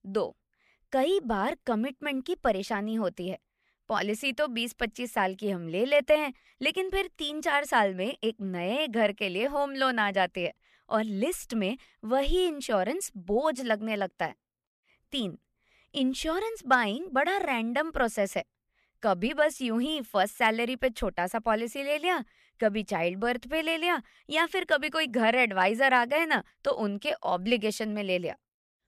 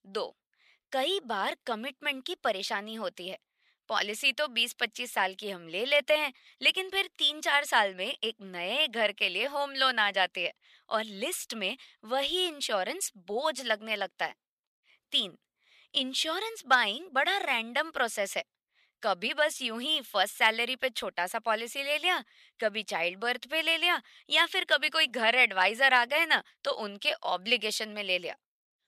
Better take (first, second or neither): first